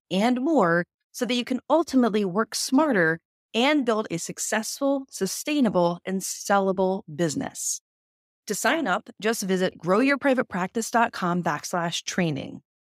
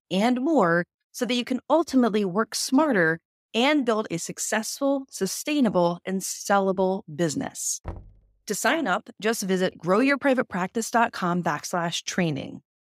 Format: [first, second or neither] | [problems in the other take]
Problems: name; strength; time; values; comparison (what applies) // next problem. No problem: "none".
first | door banging; faint; at 8 s; peak 15 dB below the speech